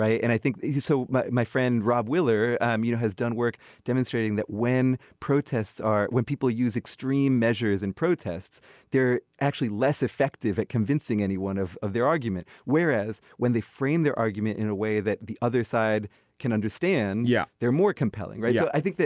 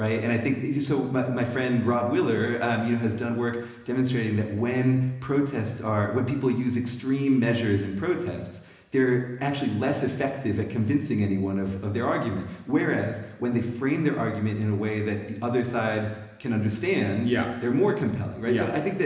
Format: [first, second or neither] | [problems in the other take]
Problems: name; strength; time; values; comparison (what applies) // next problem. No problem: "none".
first | room echo; dies away in 1 s